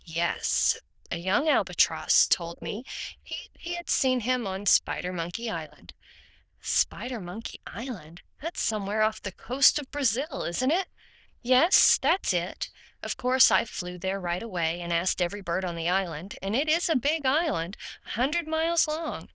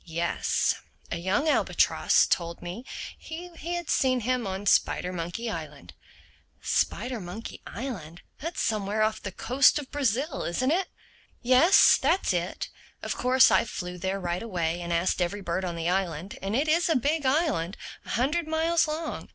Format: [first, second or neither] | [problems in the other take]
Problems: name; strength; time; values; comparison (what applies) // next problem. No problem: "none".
second | noise reduction (neural diffusion model UNIVERSE++)